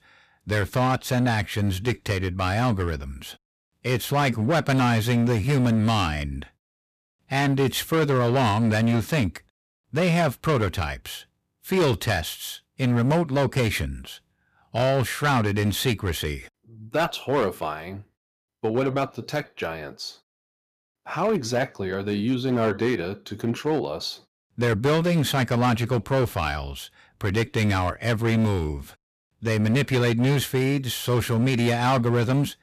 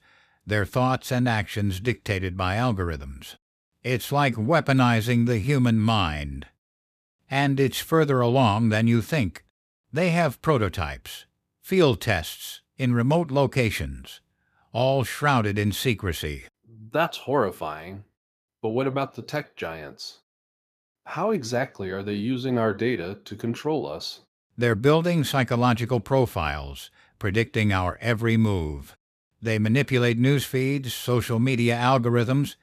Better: second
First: distortion; slight; 9% of the sound clipped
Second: none

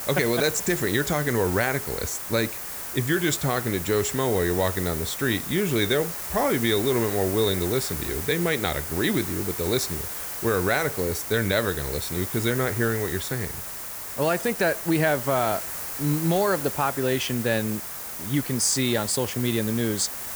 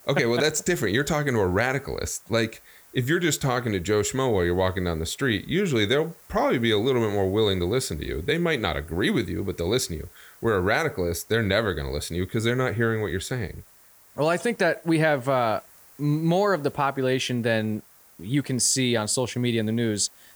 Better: second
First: hiss; loud; throughout; 6 dB below the speech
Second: hiss; faint; throughout; 25 dB below the speech

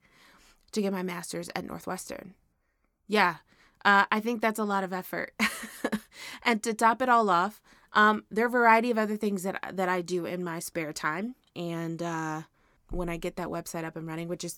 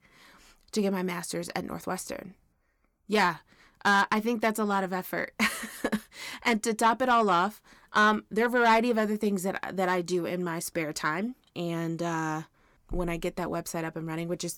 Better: first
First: none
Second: distortion; slight; 10 dB below the speech

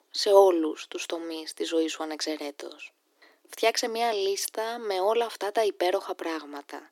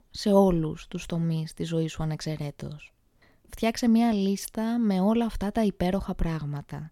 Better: second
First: thin; very; fading below 300 Hz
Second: none

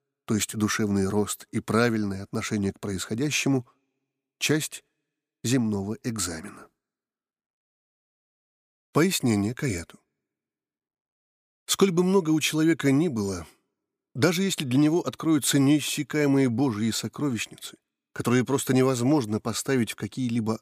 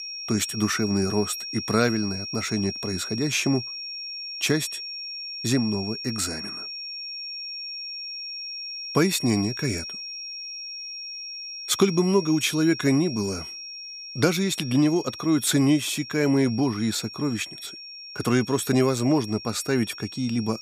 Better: first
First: none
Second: high-pitched whine; loud; throughout; 5.5 kHz, 9 dB below the speech

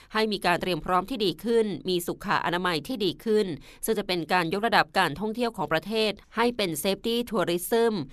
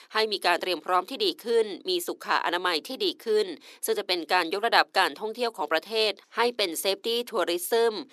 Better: first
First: none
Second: thin; somewhat; fading below 300 Hz

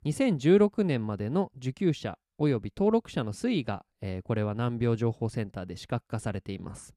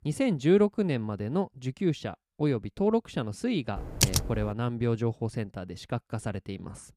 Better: first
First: none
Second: keyboard typing; loud; at 4 s; peak 4 dB above the speech

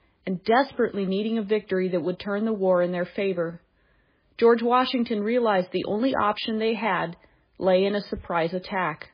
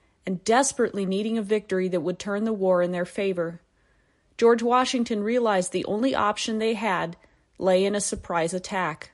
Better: second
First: garbled, watery; badly; nothing above 4 kHz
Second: garbled, watery; slightly; nothing above 10.5 kHz

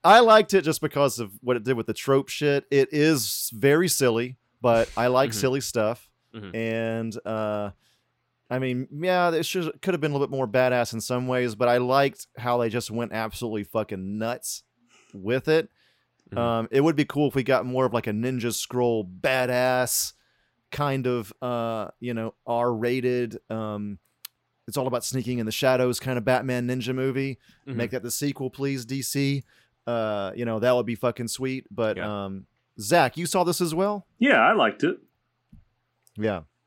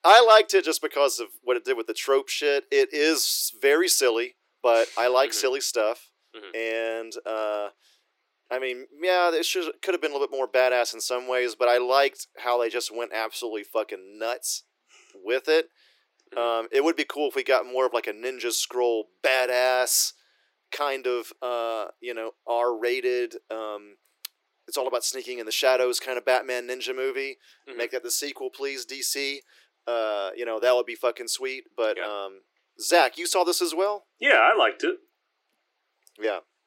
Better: first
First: none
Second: thin; very; fading below 350 Hz

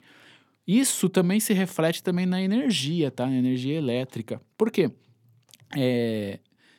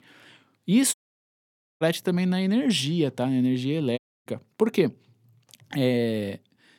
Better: first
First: none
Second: audio cutting out; at 1 s for 1 s and at 4 s

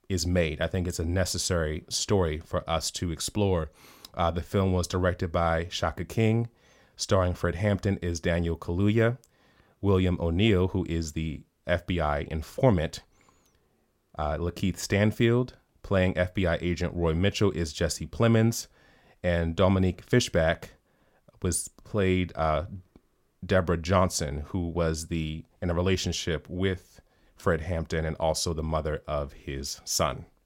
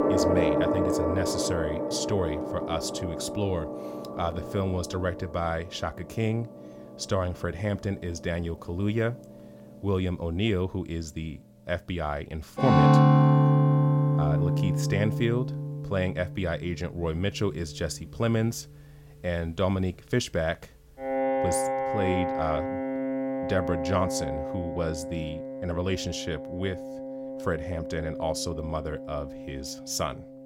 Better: first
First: none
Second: background music; very loud; throughout; 3 dB above the speech

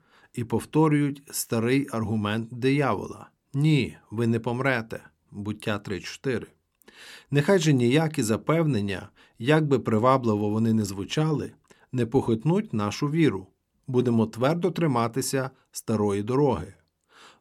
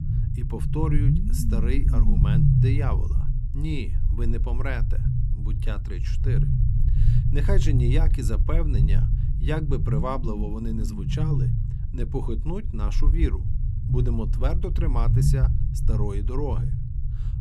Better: first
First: none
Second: low rumble; loud; throughout; 3 dB below the speech

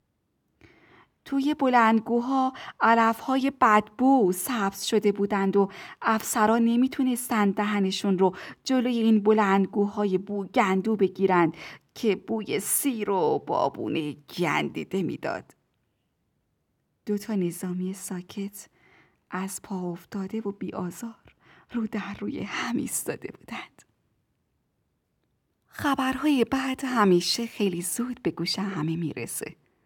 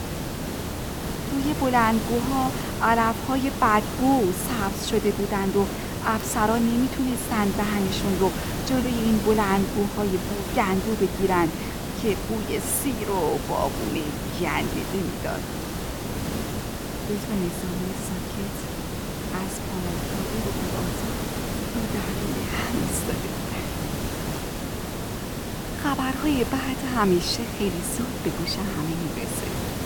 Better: first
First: none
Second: hiss; loud; throughout; 4 dB below the speech

